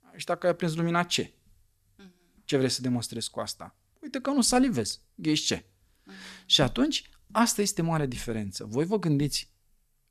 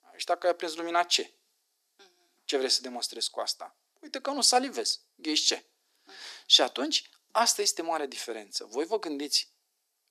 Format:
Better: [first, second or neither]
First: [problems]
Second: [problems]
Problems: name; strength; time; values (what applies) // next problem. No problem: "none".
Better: first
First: none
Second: thin; somewhat; fading below 300 Hz